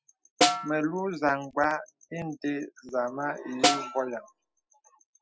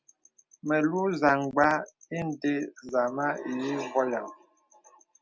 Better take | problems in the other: second | noise reduction (classical method spectral subtraction)

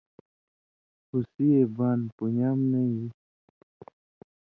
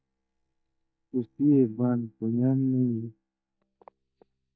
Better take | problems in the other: first | noise reduction (neural mask model DeepFilterNet 3)

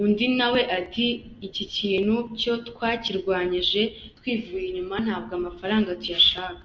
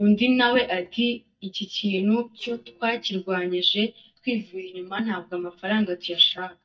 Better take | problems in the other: first | noise reduction (neural mask model DeepFilterNet 3)

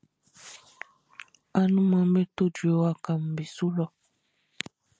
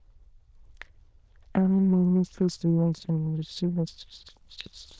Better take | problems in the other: first | noise reduction (neural diffusion model UNIVERSE++)

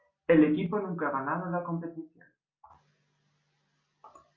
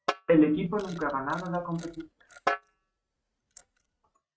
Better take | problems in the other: first | noise reduction (neural mask model RNNoise)

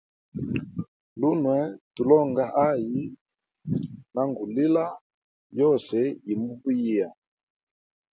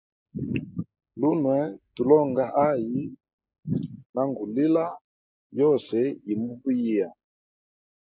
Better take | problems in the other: first | noise reduction (neural mask model Resemble Enhance denoiser)

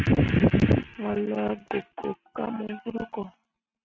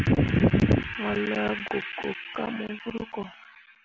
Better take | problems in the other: second | noise reduction (neural mask model RNNoise)

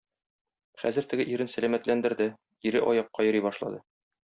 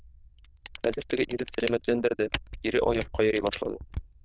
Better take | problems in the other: first | noise reduction (neural diffusion model UNIVERSE++)

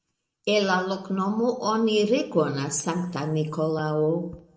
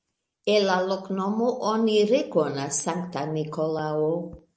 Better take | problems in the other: second | room echo; dies away in 0.7 s

